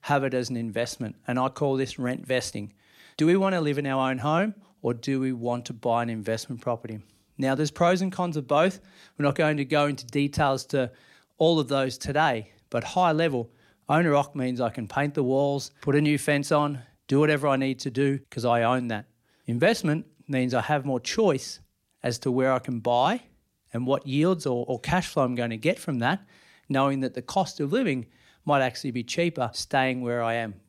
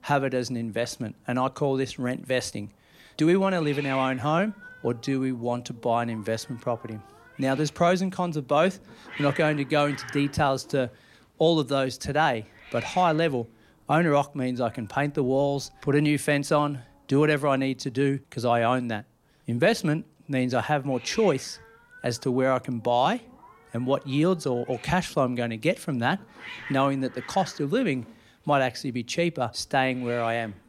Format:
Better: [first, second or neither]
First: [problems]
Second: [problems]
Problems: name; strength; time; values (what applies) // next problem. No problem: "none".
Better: first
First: none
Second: hiss; noticeable; throughout; 20 dB below the speech